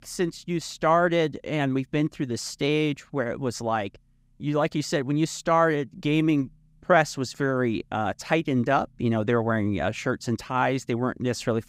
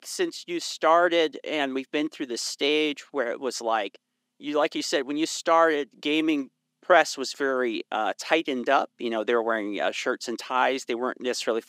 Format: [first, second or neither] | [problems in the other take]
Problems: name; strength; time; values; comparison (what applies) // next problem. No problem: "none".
first | thin; somewhat; fading below 300 Hz